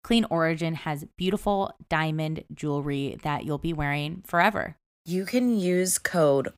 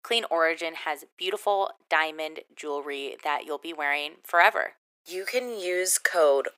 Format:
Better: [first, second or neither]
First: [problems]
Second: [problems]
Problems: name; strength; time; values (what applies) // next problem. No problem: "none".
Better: first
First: none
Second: thin; very; fading below 400 Hz